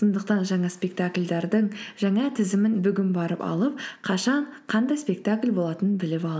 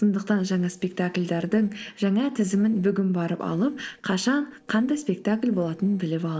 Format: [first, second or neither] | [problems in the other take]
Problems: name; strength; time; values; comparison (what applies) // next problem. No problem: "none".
first | noise reduction (neural separator model SepFormer DNS4)